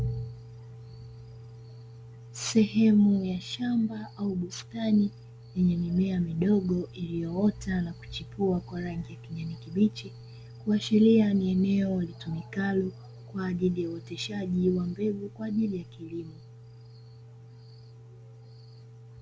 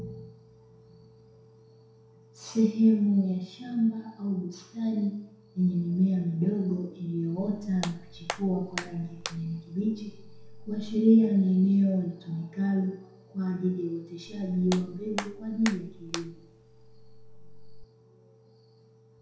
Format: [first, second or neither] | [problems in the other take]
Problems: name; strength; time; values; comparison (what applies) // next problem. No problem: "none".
first | background sound (Hands); 13 dB below the speech // room echo; dies away in 0.7 s